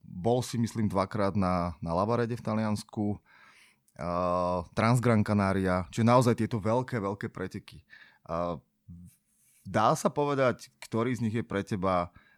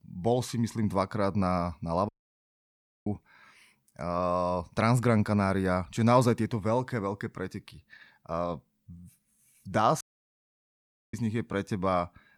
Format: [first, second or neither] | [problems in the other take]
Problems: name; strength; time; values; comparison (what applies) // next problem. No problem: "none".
first | audio cutting out; at 2 s for 1 s and at 10 s for 1 s